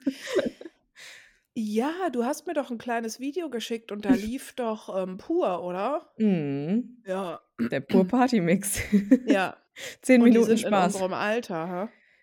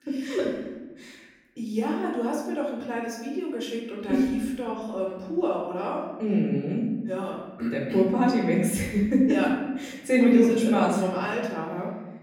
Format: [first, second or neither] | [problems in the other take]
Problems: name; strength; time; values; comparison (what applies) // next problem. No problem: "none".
first | off-mic speech; far // room echo; noticeable; dies away in 1 s